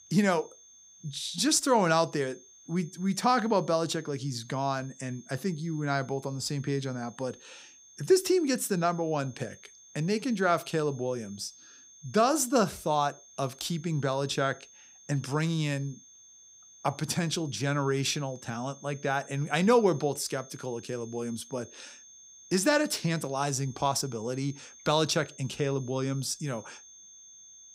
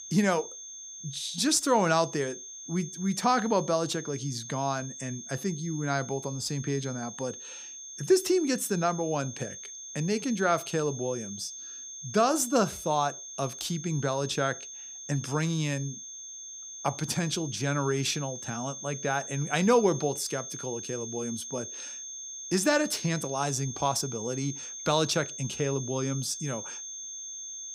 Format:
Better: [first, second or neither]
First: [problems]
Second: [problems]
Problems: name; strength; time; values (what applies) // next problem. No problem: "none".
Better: first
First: high-pitched whine; faint; throughout; 6.5 kHz, 20 dB below the speech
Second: high-pitched whine; loud; throughout; 6.5 kHz, 9 dB below the speech